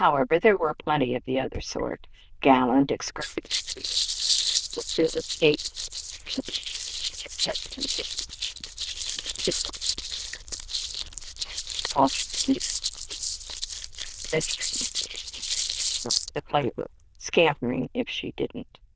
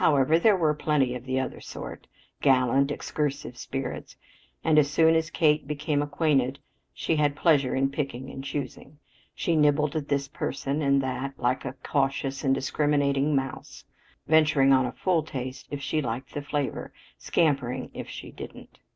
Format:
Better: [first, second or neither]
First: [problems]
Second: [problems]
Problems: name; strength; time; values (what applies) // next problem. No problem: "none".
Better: second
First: noise reduction (neural diffusion model UNIVERSE++)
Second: none